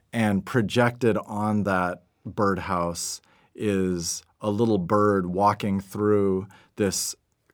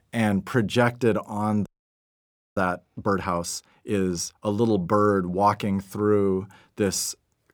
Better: first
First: none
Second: audio freezing; at 1.5 s for 1 s

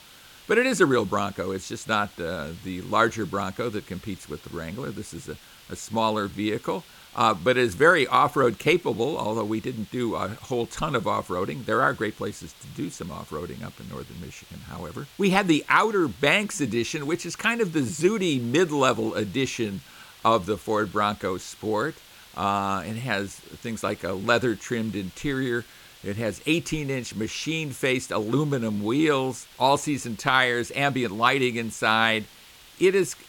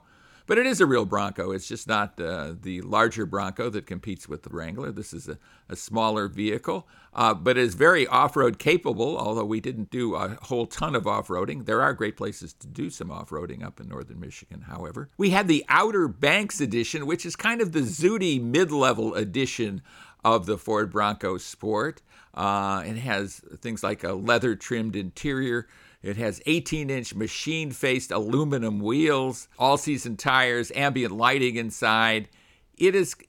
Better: second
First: hiss; faint; throughout; 25 dB below the speech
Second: none

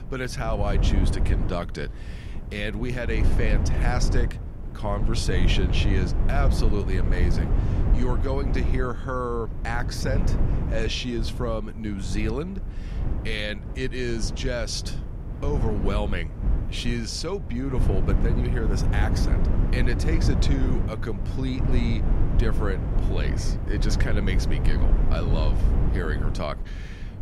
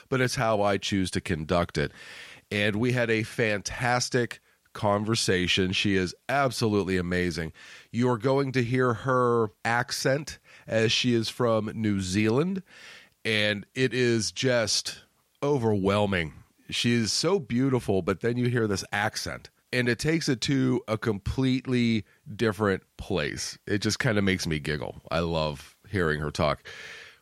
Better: second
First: low rumble; loud; throughout; 6 dB below the speech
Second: none

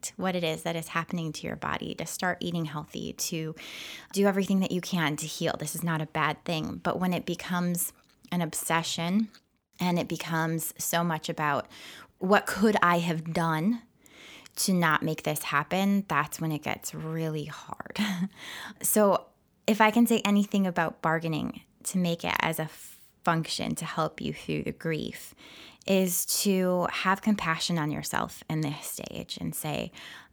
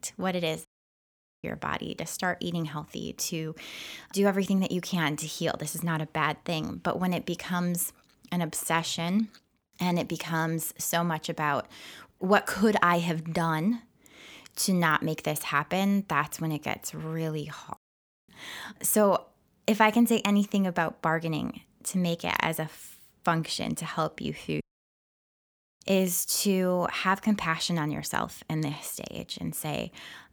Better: first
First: none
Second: audio cutting out; at 0.5 s for 1 s, at 18 s for 0.5 s and at 25 s for 1 s

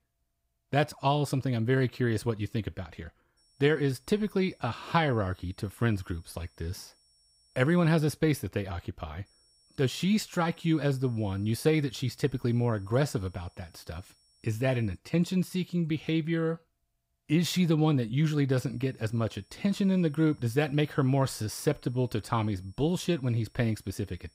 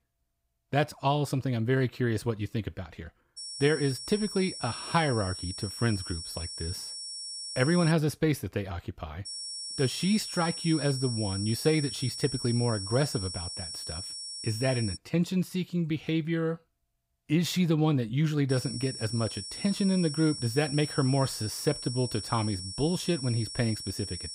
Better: first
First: high-pitched whine; faint; from 3.5 to 8 s, from 9.5 to 15 s and from 19 s on; 5.5 kHz, 35 dB below the speech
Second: high-pitched whine; loud; from 3.5 to 8 s, from 9.5 to 15 s and from 19 s on; 5.5 kHz, 7 dB below the speech

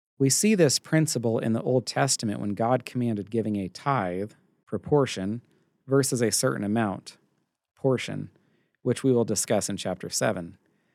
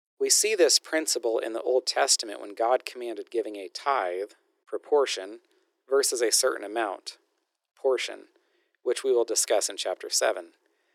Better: first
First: none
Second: thin; very; fading below 350 Hz

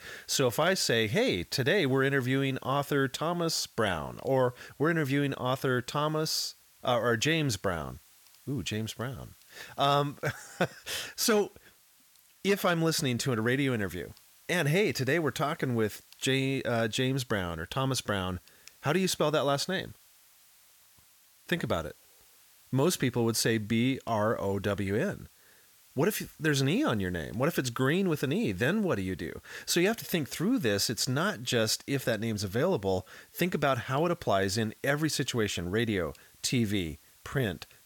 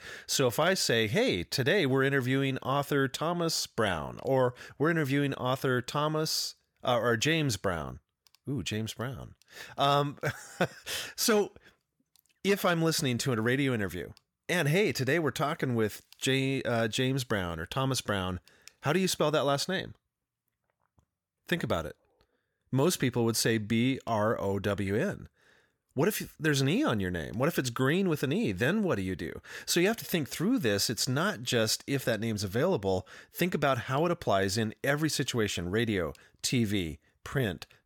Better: second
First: hiss; faint; throughout; 30 dB below the speech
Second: none

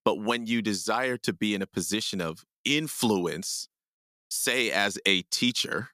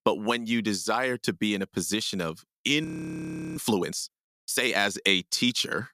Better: first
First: none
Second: audio freezing; at 3 s for 0.5 s

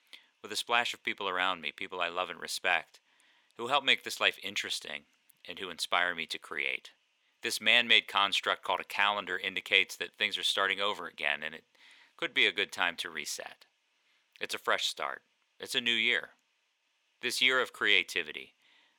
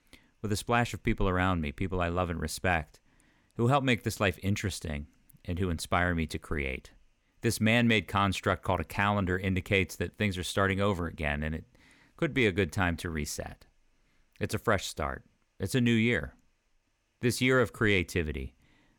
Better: second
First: thin; very; fading below 500 Hz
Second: none

